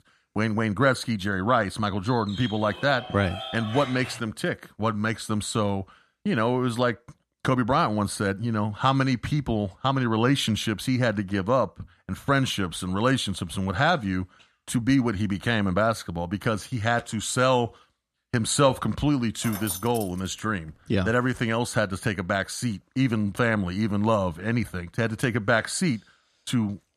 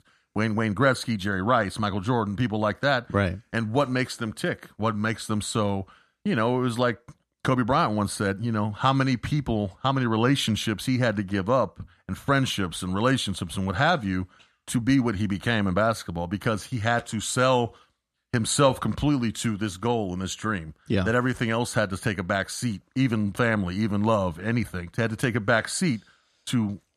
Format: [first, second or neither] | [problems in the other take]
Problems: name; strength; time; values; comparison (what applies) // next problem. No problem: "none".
second | dog barking; noticeable; from 2 to 4 s; peak 9 dB below the speech // jangling keys; noticeable; at 19 s; peak 7 dB below the speech